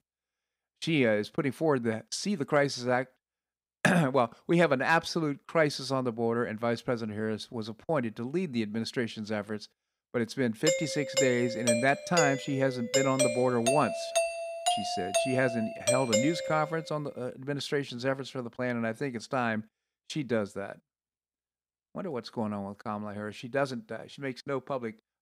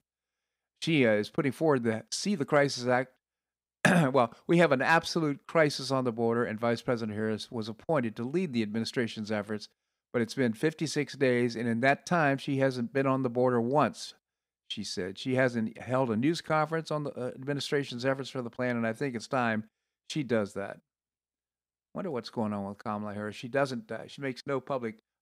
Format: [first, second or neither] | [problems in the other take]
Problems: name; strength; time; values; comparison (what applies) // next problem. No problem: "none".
second | doorbell; loud; from 11 to 17 s; peak 3 dB above the speech